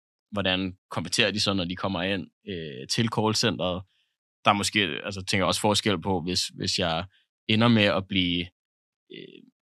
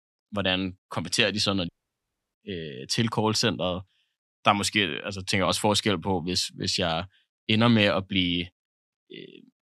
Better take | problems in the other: first | audio cutting out; at 1.5 s for 0.5 s

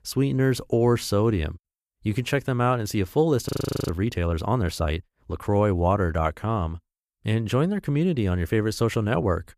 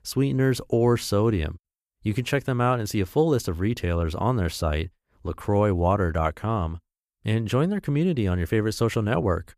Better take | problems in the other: second | audio freezing; at 3.5 s

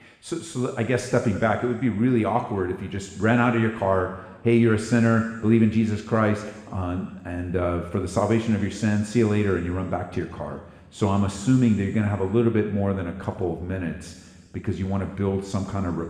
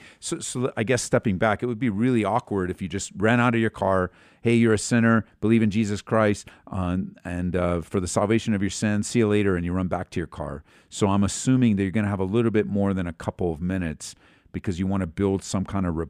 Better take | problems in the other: second | room echo; noticeable; dies away in 1.6 s // off-mic speech; somewhat distant

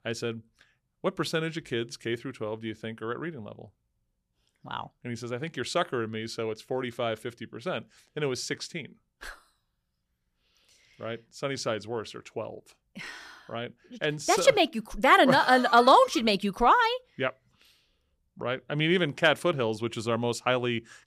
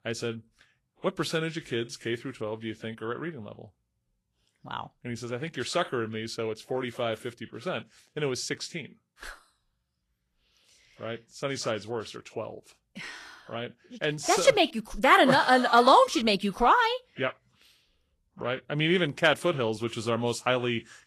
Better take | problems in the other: first | garbled, watery; slightly; nothing above 12.5 kHz

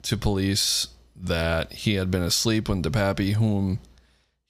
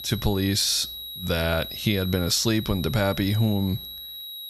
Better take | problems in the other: first | high-pitched whine; loud; throughout; 4 kHz, 10 dB below the speech

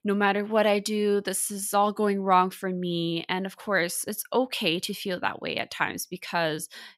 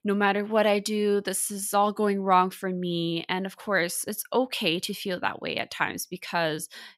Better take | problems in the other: neither | none

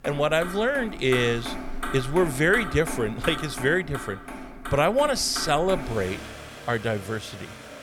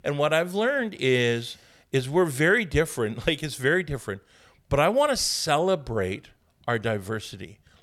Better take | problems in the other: second | traffic noise; noticeable; throughout; 10 dB below the speech

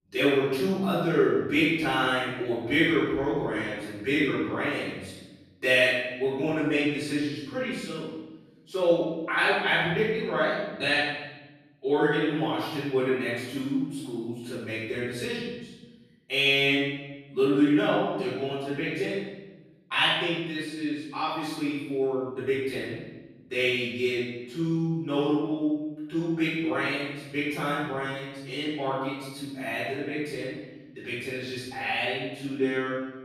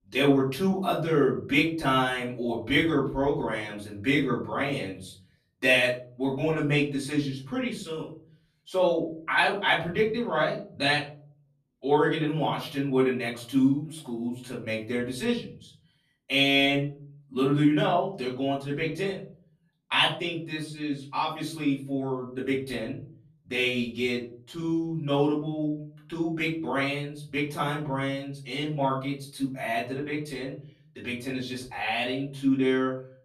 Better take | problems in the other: second | room echo; strong; dies away in 1 s; slight in the second // off-mic speech; far; far in the second

